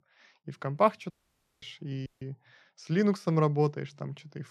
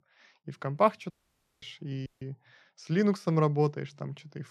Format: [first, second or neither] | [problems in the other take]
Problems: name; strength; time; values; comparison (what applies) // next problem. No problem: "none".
neither | audio cutting out; at 1 s for 0.5 s and at 2 s; the same in both